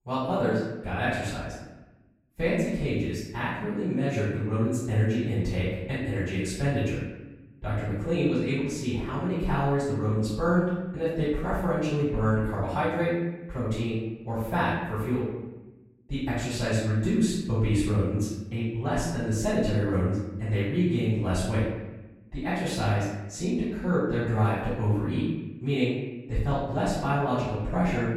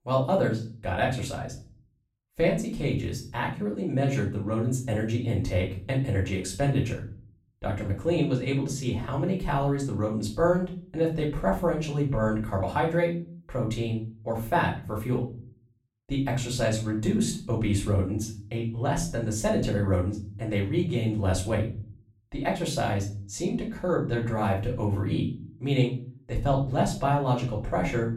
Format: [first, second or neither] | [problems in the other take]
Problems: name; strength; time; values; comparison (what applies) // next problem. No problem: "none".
second | room echo; strong; dies away in 1 s; slight in the second // off-mic speech; far; far in the second